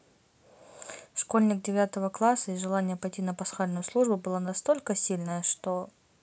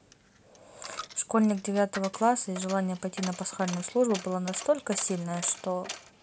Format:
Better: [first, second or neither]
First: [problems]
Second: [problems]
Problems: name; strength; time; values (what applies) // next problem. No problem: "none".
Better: first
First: none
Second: background sound (Coin (dropping)); 14 dB below the speech